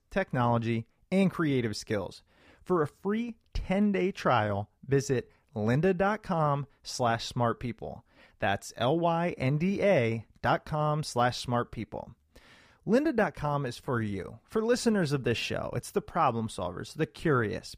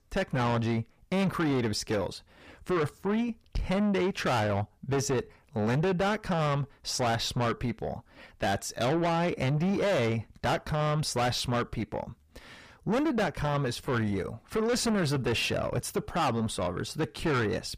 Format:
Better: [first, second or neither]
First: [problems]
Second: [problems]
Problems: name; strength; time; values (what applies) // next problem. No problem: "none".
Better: first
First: none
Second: distortion; heavy; 6 dB below the speech